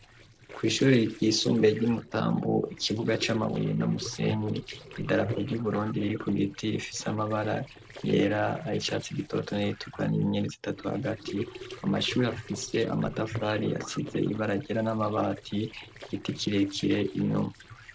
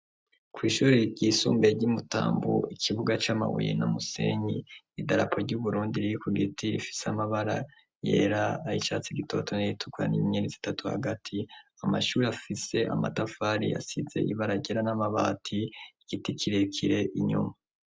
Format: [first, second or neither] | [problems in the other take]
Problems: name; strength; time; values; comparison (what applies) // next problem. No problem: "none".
second | noise reduction (neural separator model SepFormer DNS4)